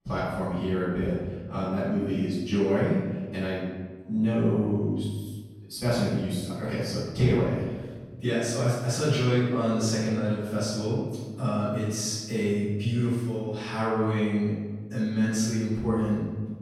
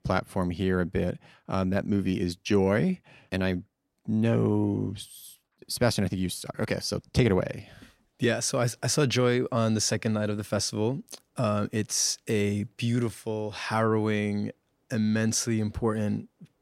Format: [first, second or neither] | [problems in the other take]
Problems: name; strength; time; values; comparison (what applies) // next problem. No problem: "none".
second | off-mic speech; far // room echo; strong; dies away in 1.3 s